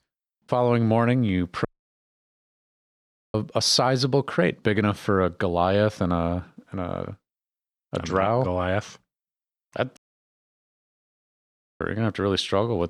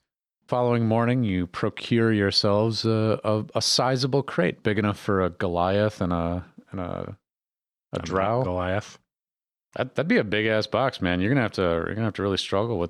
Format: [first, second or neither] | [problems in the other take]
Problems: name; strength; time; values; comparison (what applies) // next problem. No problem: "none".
second | audio cutting out; at 1.5 s for 1.5 s and at 10 s for 2 s